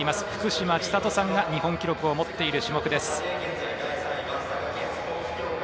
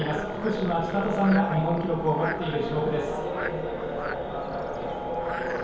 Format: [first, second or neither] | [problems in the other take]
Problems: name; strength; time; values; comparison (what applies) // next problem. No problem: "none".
first | background sound (Frog); 11 dB below the speech // room echo; dies away in 1 s